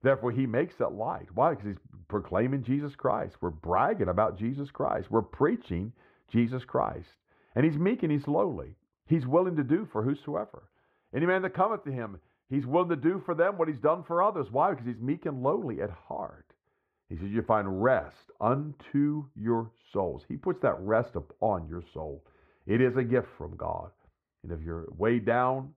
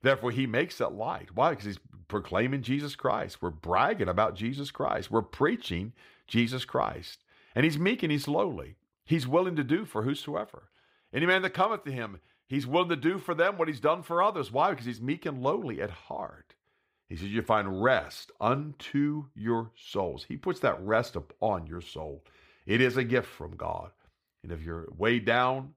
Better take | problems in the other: second | muffled; very; fading above 2.5 kHz

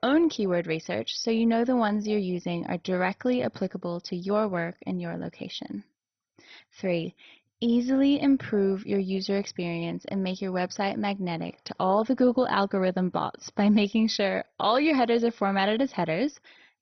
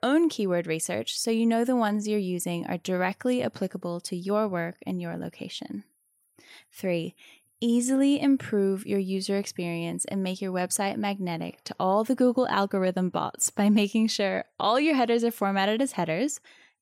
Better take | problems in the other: second | garbled, watery; badly; nothing above 6 kHz

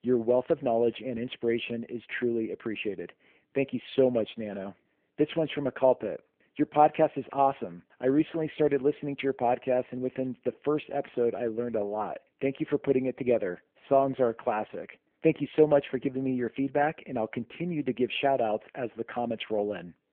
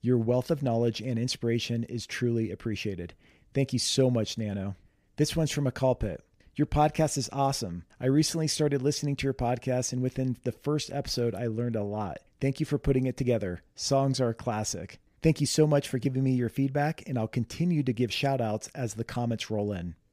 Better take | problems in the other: second | phone-call audio; poor line; nothing above 3.5 kHz

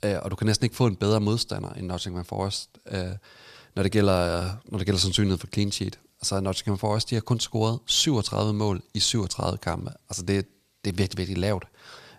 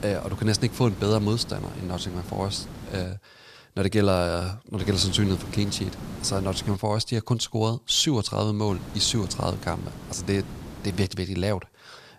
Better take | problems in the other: first | hiss; noticeable; until 3 s, from 5 to 7 s and from 8.5 to 11 s; 15 dB below the speech

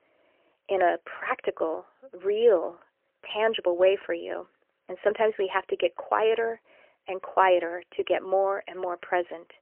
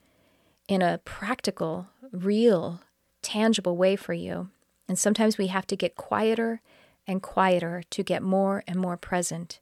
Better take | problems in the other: second | phone-call audio; poor line; nothing above 3 kHz

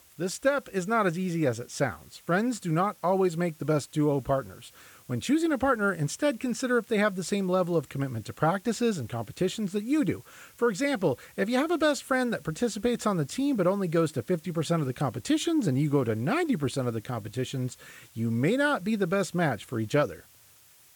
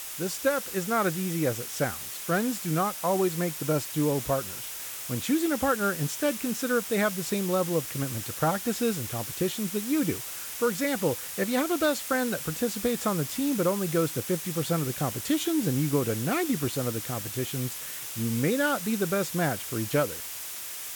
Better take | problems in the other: first | hiss; loud; throughout; 6 dB below the speech; faint in the first

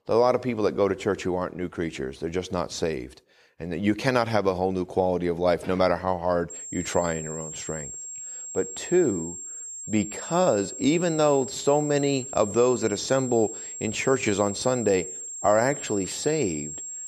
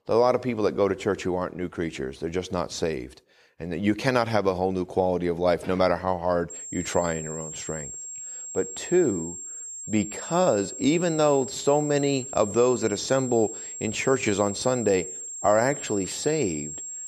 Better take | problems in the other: neither | high-pitched whine; loud; from 6.5 s on; 7.5 kHz, 9 dB below the speech; the same in both

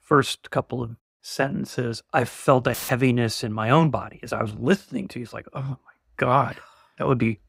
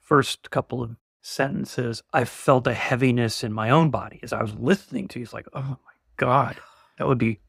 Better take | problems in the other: second | audio cutting out; filled with static; at 2.5 s

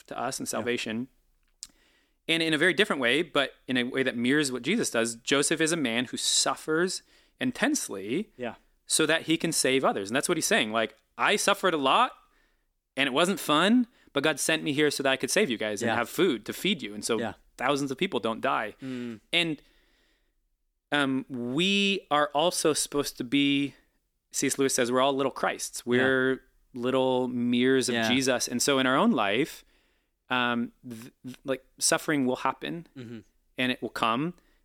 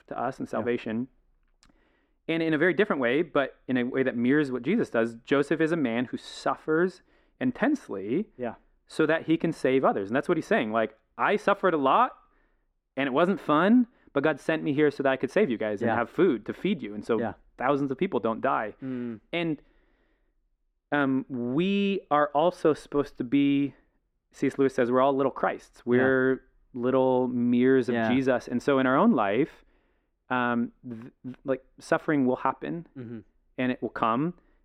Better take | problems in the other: first | muffled; very; fading above 3 kHz

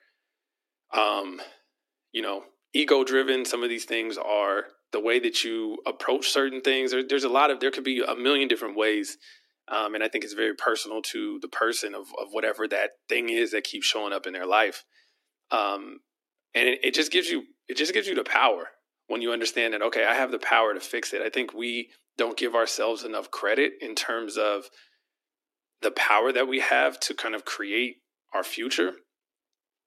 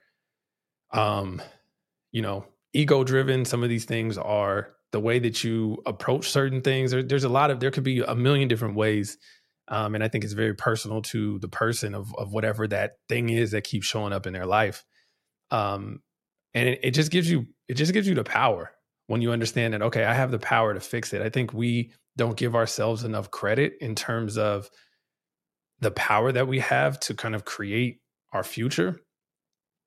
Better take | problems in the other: second | thin; somewhat; fading below 250 Hz

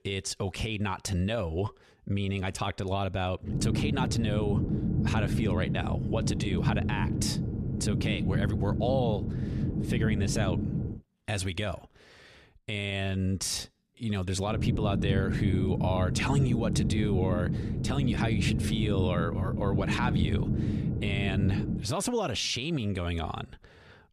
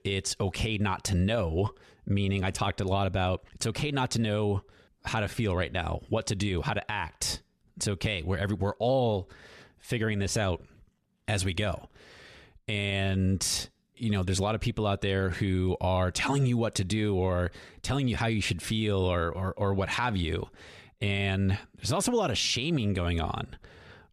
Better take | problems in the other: second | low rumble; loud; from 3.5 to 11 s and from 15 to 22 s; 5 dB below the speech

